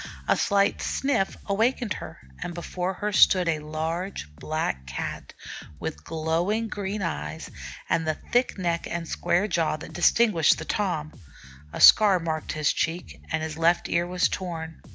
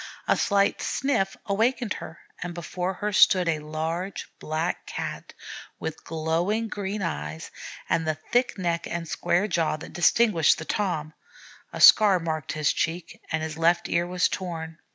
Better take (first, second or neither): second